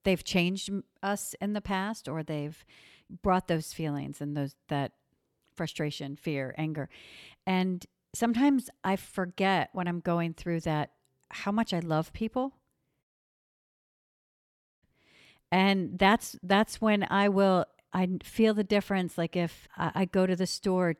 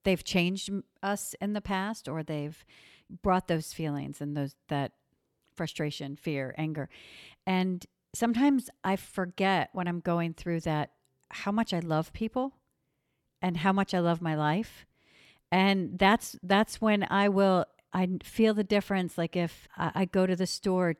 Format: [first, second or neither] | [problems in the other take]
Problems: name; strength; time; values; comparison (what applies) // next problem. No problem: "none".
second | audio cutting out; at 13 s for 2 s